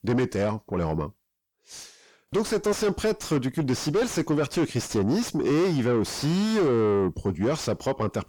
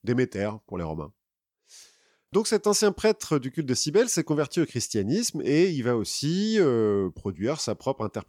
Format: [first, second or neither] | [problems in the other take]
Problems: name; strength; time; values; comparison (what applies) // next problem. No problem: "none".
second | distortion; heavy; 6 dB below the speech